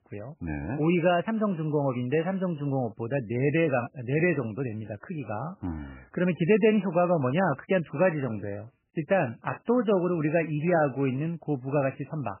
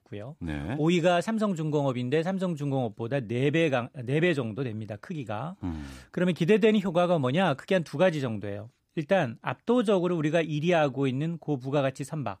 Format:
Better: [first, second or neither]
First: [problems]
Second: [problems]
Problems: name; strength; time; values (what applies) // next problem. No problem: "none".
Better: second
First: garbled, watery; badly; nothing above 3 kHz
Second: none